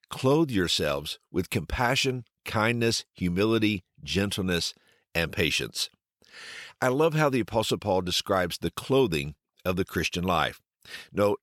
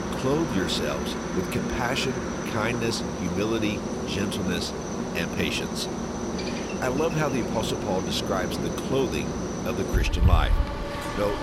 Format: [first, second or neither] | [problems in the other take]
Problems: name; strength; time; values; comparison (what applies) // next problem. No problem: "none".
first | train or aircraft noise; very loud; throughout; as loud as the speech